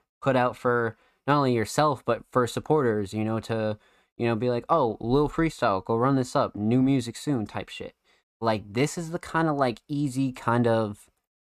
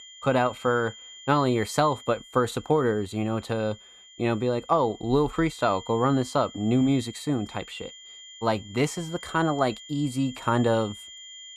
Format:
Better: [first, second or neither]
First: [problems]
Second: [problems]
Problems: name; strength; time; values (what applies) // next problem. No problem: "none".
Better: first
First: none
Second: high-pitched whine; noticeable; throughout; 3 kHz, 15 dB below the speech